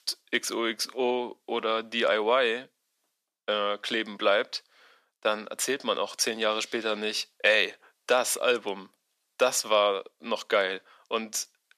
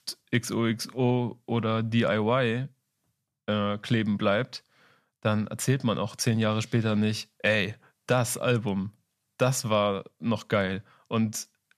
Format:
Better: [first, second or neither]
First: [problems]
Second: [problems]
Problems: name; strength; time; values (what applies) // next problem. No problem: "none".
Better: second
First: thin; very; fading below 350 Hz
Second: none